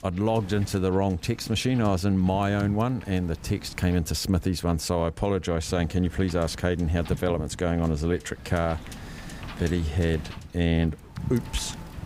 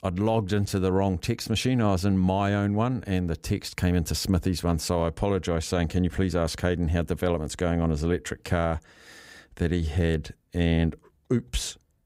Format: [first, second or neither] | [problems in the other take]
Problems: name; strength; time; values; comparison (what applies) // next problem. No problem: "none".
second | wind noise on the microphone; occasional gusts; 15 dB below the speech